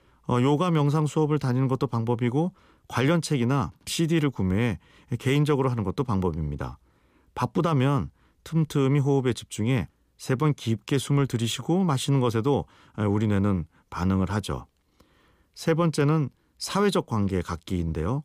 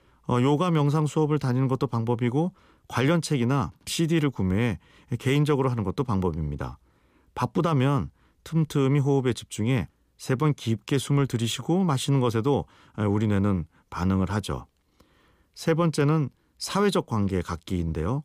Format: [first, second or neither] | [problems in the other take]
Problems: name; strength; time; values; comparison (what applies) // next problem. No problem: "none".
neither | none